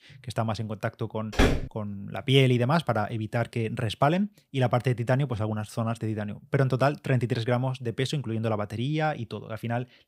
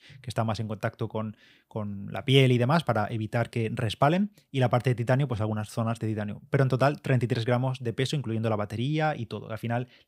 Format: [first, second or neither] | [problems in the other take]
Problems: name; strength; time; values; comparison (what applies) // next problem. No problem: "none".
second | door banging; loud; at 1.5 s; peak 3 dB above the speech